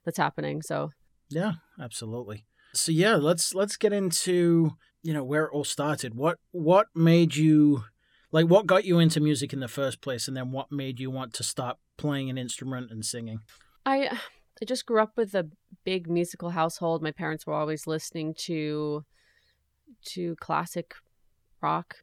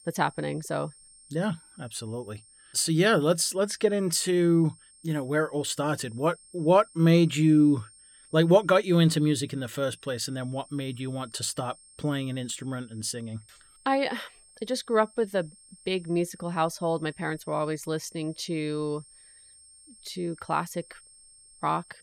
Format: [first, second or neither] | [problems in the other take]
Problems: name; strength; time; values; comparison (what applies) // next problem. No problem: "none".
first | high-pitched whine; faint; throughout; 8.5 kHz, 25 dB below the speech